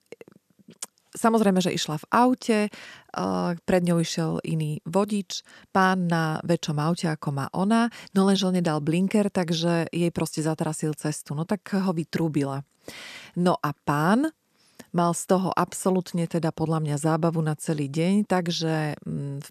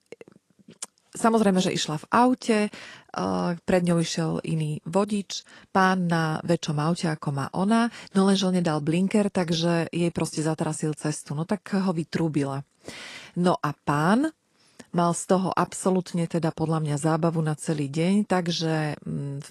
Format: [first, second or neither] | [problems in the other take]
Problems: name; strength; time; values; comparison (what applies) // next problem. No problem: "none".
first | garbled, watery; slightly